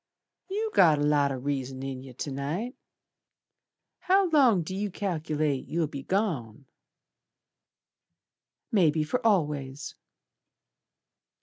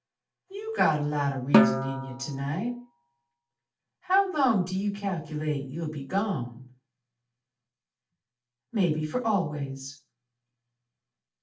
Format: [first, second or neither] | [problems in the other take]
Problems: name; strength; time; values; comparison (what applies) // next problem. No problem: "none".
first | background sound (Snare drum); 2 dB above the speech // room echo; dies away in 0.3 s